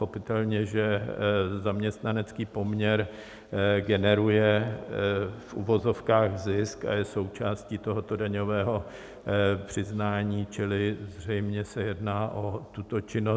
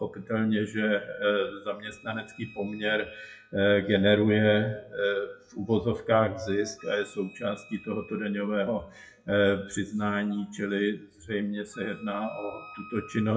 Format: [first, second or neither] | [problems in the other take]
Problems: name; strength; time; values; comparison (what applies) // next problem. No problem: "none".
first | noise reduction (classical method WPE with log-MMSE)